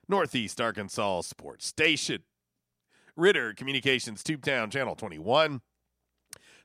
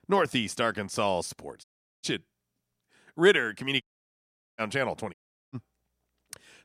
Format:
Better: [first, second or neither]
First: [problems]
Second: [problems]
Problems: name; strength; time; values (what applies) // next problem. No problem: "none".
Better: first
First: none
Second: audio cutting out; at 1.5 s, at 4 s for 1 s and at 5 s